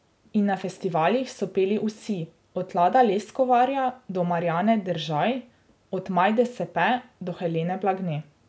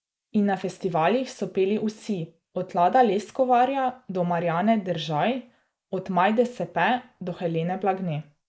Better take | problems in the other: first | noise reduction (neural mask model Resemble Enhance denoiser)

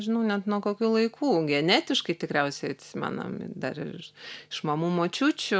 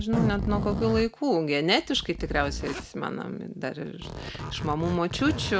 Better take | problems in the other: first | background sound (Zipper (clothing)); 6 dB below the speech

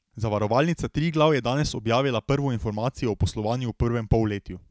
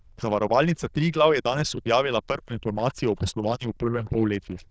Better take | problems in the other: first | noise reduction (neural diffusion model UNIVERSE++)

